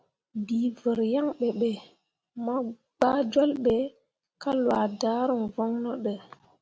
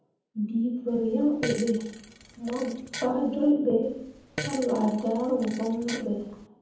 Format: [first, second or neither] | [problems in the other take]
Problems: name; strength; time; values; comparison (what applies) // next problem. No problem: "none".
first | background sound (Fart); 13 dB below the speech // room echo; dies away in 0.8 s